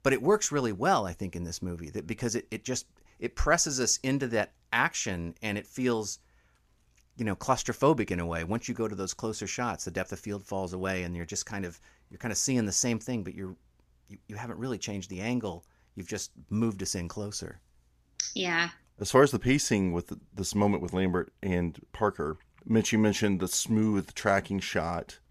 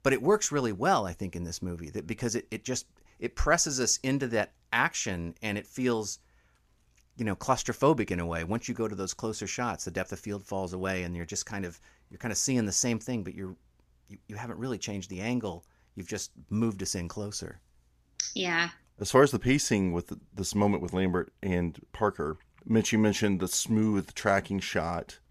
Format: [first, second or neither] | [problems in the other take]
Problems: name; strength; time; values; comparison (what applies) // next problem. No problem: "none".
neither | none